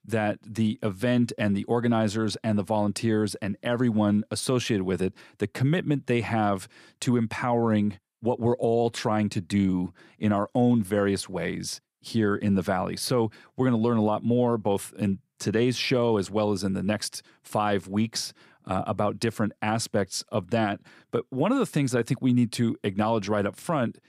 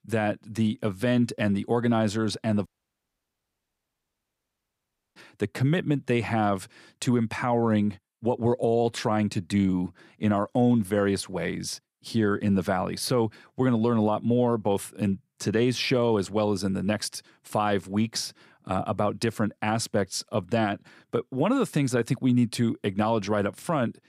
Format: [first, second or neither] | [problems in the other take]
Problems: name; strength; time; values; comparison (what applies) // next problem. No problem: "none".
first | audio cutting out; at 2.5 s for 2.5 s